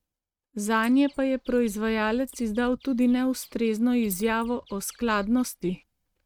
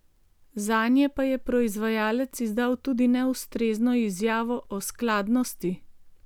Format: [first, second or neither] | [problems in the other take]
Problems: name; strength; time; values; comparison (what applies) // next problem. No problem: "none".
second | noise reduction (neural mask model RNNoise)